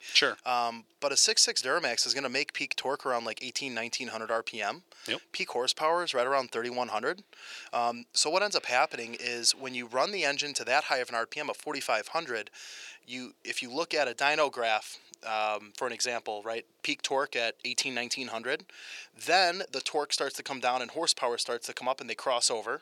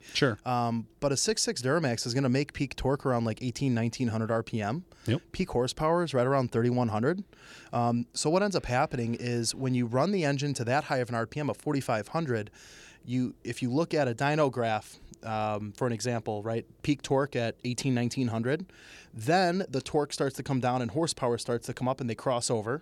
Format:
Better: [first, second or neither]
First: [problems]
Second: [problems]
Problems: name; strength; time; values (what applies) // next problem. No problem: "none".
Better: second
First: thin; very; fading below 600 Hz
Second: none